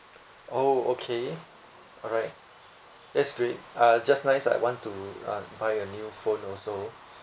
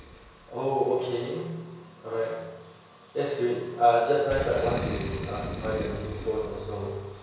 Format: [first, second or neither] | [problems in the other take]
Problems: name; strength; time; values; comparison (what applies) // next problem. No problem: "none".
first | background sound (Boom); 11 dB below the speech // room echo; dies away in 1 s